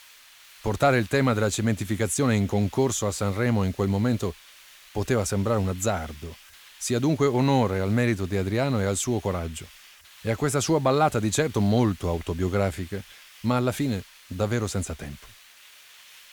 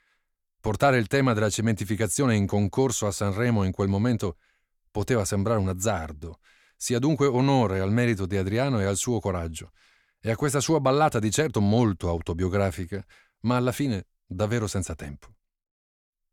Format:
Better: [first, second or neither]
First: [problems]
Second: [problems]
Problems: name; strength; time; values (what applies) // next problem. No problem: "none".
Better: second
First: hiss; faint; throughout; 20 dB below the speech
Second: none